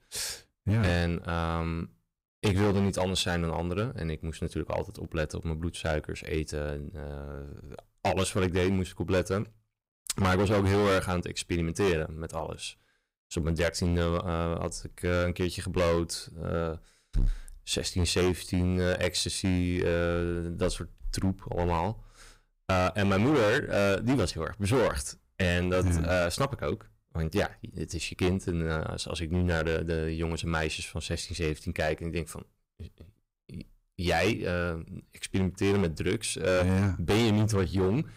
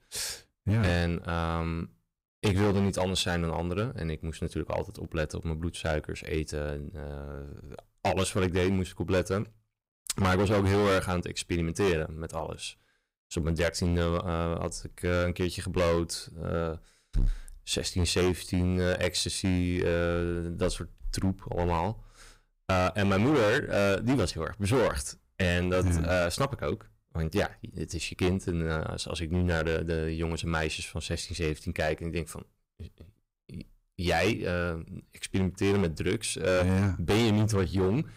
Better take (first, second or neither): neither